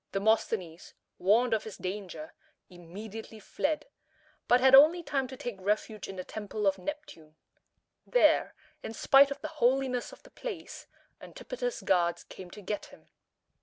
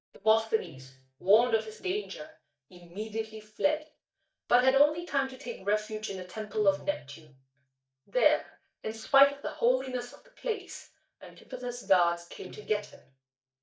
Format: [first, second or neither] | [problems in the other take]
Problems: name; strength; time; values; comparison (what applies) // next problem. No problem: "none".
first | noise reduction (neural mask model DeepFilterNet 3)